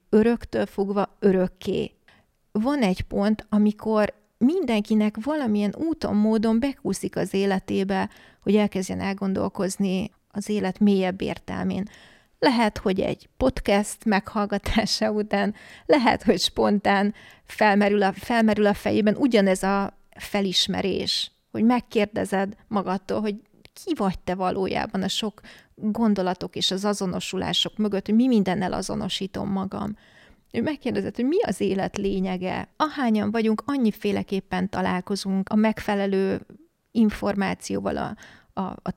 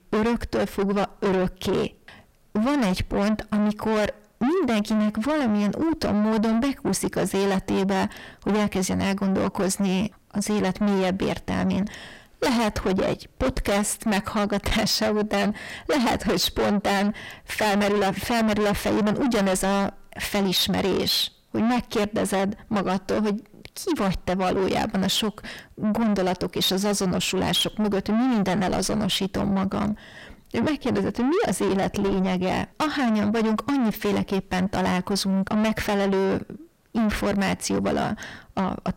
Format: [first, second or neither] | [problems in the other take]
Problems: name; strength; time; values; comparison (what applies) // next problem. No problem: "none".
first | distortion; heavy; 6 dB below the speech